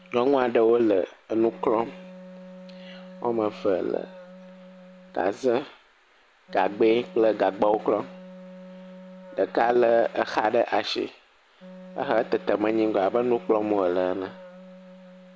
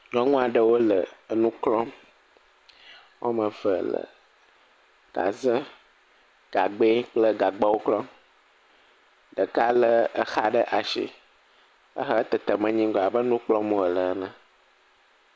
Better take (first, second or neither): second